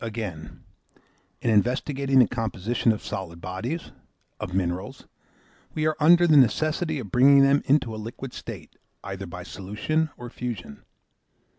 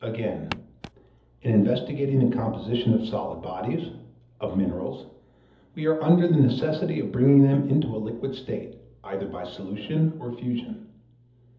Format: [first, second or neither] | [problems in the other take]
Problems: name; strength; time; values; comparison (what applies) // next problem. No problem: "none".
first | background sound (Walk, footsteps); 12 dB below the speech // room echo; dies away in 0.7 s